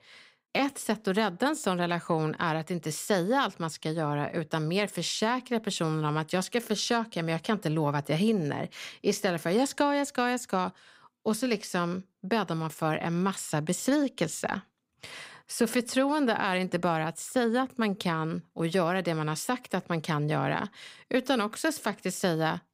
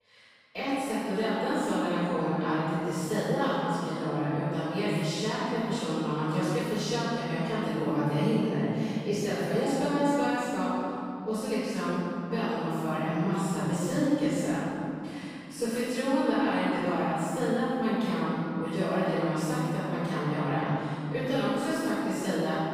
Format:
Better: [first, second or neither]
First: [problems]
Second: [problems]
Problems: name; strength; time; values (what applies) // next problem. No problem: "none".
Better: first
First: none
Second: off-mic speech; far // room echo; strong; dies away in 3 s